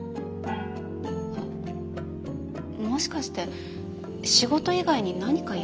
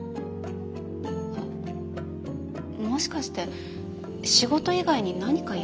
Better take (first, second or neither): second